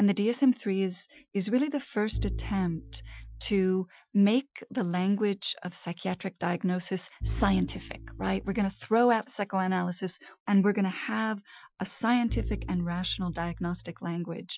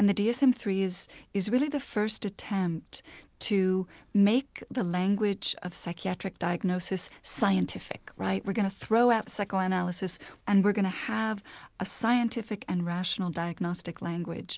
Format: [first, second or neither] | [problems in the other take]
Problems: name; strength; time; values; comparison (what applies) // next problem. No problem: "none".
second | noise reduction (classical method Wiener filter)